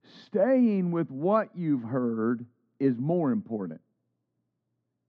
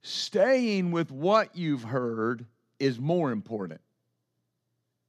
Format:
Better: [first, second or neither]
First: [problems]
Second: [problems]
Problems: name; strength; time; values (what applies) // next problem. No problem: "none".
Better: second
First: muffled; very; fading above 1.5 kHz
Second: none